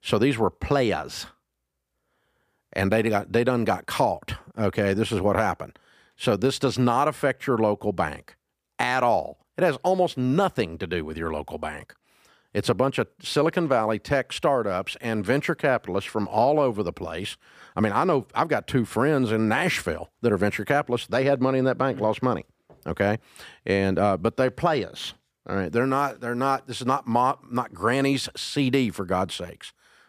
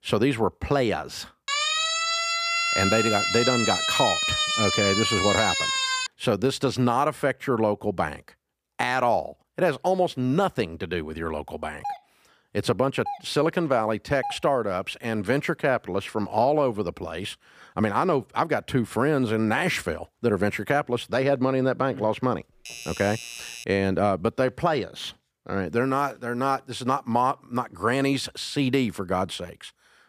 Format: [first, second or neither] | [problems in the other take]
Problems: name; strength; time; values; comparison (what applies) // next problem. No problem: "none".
first | siren; loud; from 1.5 to 6 s; peak 3 dB above the speech // doorbell; noticeable; from 12 to 14 s; peak 10 dB below the speech // doorbell; faint; from 23 to 24 s; peak 10 dB below the speech